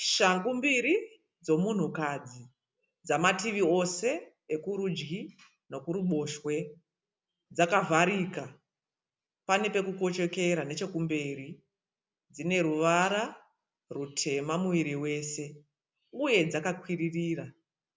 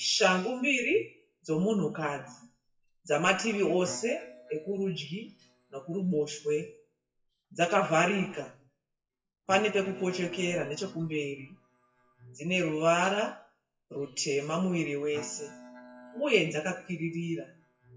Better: first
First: none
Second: noise reduction (classical method WPE with log-MMSE)

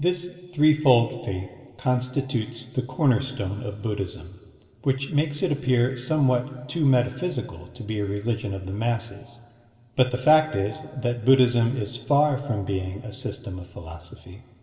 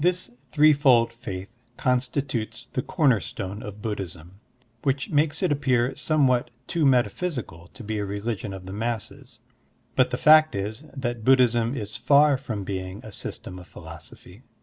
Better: second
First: room echo; dies away in 1.7 s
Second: none

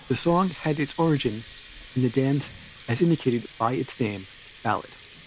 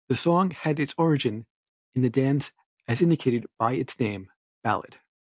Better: second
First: background sound (Water tap, faucet); 20 dB below the speech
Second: none

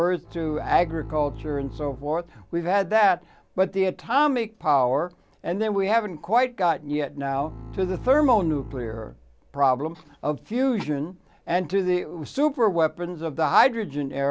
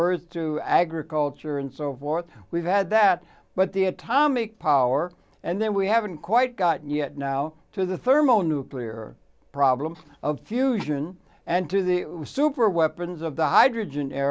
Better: second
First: background sound (Bowed string instrument); 14 dB below the speech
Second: none

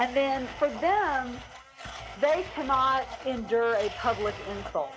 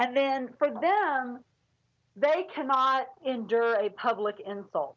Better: second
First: background sound (Domestic sounds, home sounds); 13 dB below the speech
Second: none

